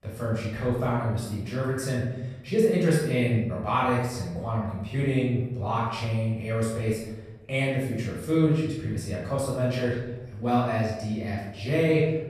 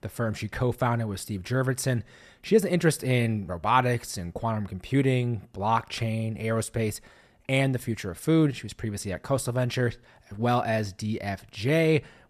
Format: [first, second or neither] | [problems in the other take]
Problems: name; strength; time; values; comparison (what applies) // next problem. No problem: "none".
second | room echo; noticeable; dies away in 1 s // off-mic speech; far